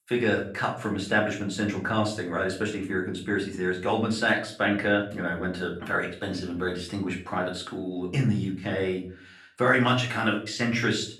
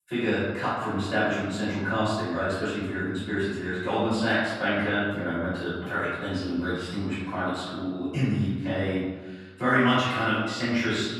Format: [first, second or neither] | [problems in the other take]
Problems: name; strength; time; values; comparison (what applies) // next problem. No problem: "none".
first | room echo; strong; dies away in 1.2 s; slight in the first // off-mic speech; far; far in the first